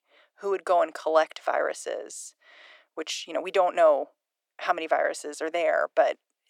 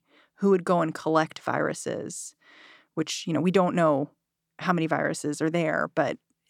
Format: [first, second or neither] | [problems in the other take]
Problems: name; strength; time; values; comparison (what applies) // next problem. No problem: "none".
second | thin; very; fading below 400 Hz